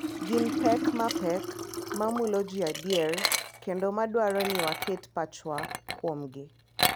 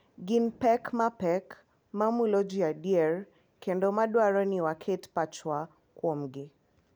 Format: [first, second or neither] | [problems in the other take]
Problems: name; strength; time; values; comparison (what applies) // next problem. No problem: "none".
second | background sound (Liquid); 2 dB below the speech